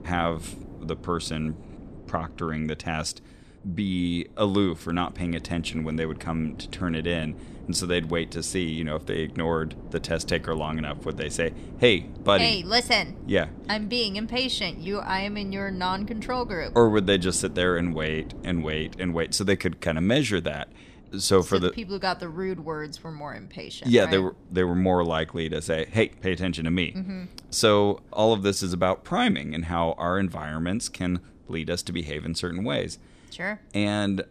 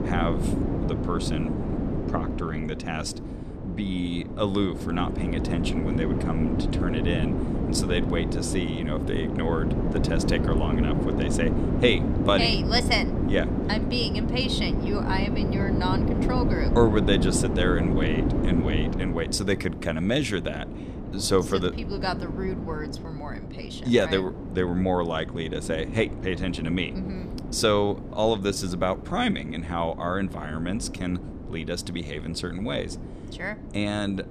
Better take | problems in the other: first | wind noise on the microphone; heavy; 6 dB below the speech; occasional gusts in the first

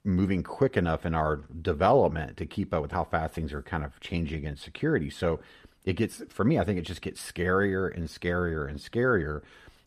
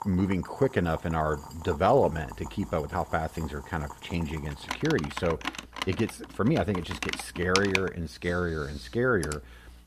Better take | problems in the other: first | household noises; loud; throughout; 9 dB below the speech

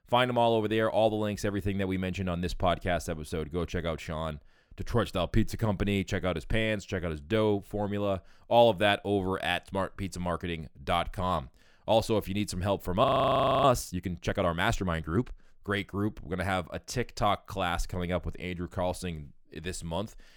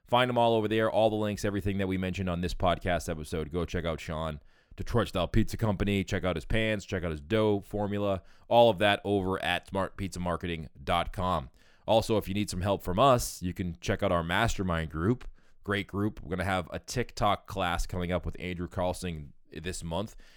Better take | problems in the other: second | audio freezing; at 13 s for 0.5 s

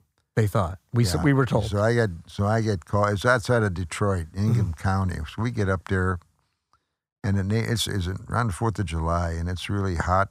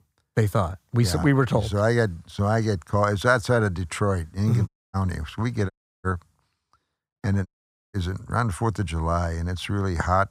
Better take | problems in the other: first | audio cutting out; at 4.5 s, at 5.5 s and at 7.5 s

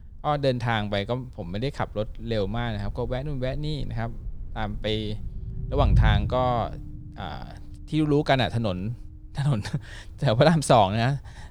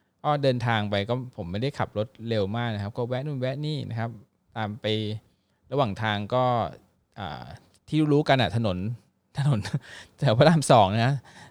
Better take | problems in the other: second | low rumble; faint; throughout; 20 dB below the speech

